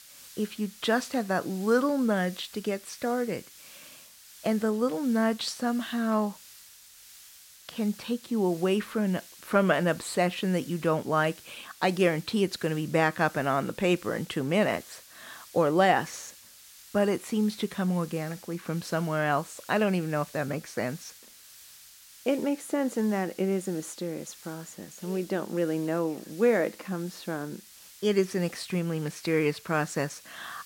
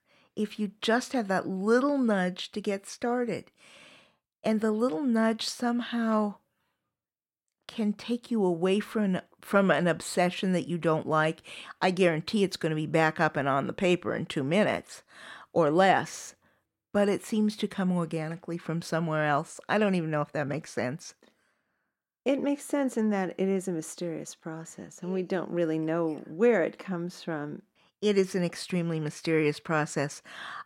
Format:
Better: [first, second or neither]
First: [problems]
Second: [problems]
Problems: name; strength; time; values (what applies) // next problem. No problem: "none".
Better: second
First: hiss; noticeable; throughout; 20 dB below the speech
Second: none